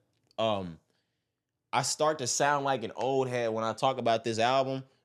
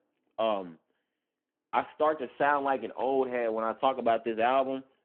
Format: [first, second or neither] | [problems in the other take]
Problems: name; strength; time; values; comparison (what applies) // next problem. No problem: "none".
first | phone-call audio